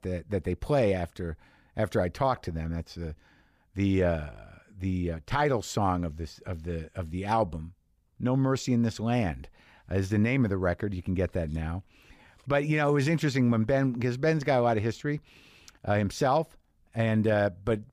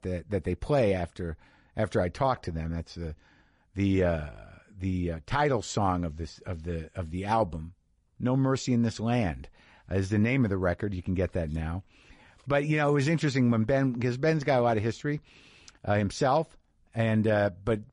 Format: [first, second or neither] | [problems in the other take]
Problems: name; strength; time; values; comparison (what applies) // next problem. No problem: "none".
first | garbled, watery; slightly; nothing above 10.5 kHz